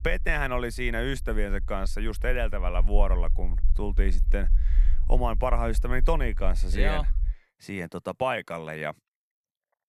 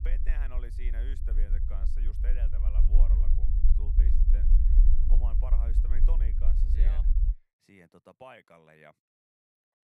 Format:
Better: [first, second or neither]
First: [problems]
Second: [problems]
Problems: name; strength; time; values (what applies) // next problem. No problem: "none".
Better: first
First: low rumble; faint; until 7.5 s; 25 dB below the speech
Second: low rumble; loud; until 7.5 s; 1 dB below the speech